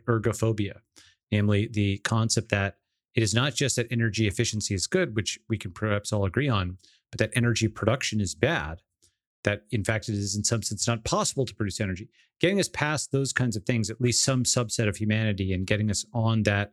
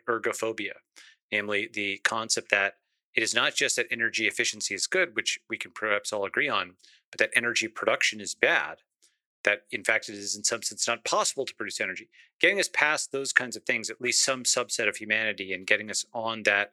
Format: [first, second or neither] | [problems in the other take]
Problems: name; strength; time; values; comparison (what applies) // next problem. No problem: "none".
first | thin; very; fading below 500 Hz